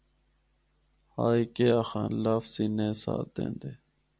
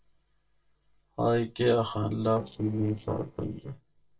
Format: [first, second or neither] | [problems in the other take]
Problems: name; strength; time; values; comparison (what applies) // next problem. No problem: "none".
first | noise reduction (neural separator model SepFormer DNS4)